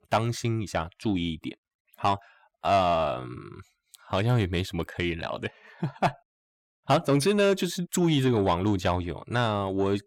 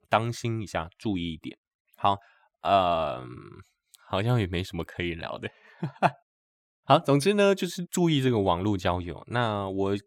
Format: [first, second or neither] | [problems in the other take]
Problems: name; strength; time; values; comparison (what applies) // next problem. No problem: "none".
second | distortion; slight; 10 dB below the speech